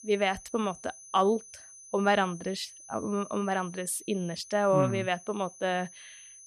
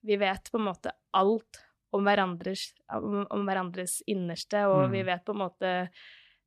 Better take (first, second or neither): second